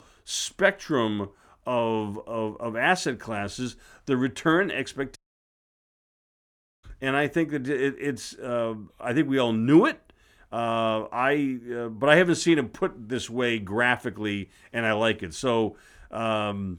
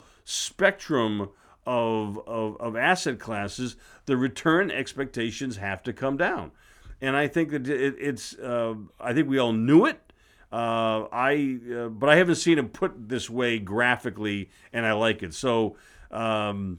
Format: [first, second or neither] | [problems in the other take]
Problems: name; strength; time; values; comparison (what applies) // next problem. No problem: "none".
second | audio cutting out; at 5 s for 1.5 s